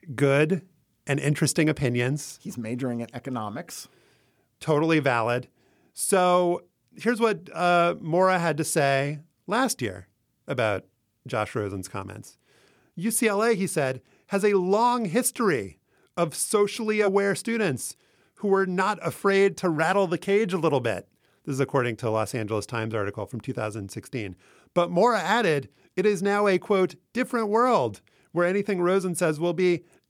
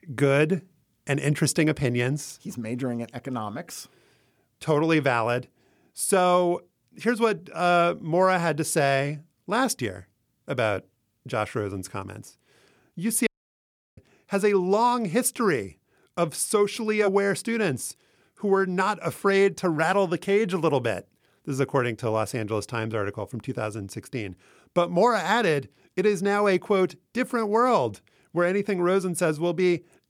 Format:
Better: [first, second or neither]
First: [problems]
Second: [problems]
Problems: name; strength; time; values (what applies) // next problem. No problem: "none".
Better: first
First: none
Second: audio cutting out; at 13 s for 0.5 s